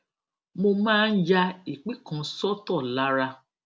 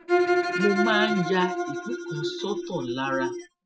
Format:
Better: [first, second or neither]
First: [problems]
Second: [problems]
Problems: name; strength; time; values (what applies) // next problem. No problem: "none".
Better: first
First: none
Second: noise reduction (classical method Wiener filter)